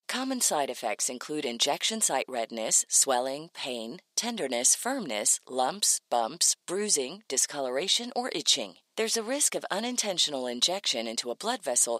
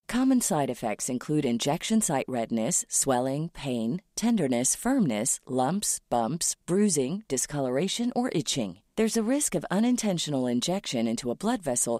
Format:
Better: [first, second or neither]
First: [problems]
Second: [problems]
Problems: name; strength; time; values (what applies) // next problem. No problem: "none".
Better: second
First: thin; somewhat; fading below 500 Hz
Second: none